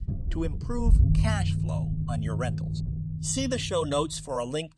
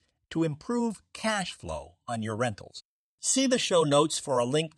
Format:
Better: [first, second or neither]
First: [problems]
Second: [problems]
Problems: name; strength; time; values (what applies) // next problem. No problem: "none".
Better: second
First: low rumble; loud; throughout; 9 dB below the speech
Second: none